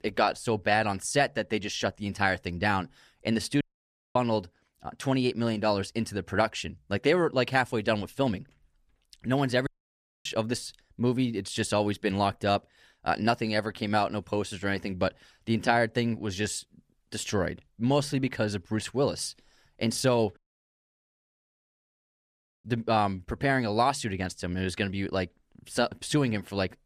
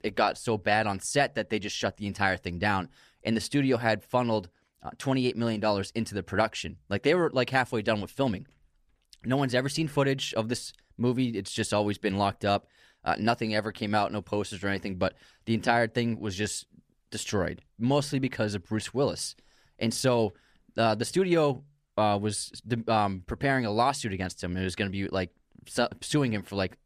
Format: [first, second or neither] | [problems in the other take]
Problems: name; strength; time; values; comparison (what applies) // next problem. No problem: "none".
second | audio cutting out; at 3.5 s for 0.5 s, at 9.5 s for 0.5 s and at 20 s for 2.5 s